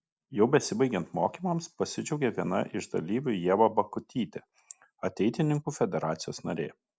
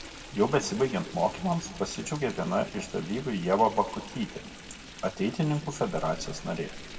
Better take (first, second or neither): first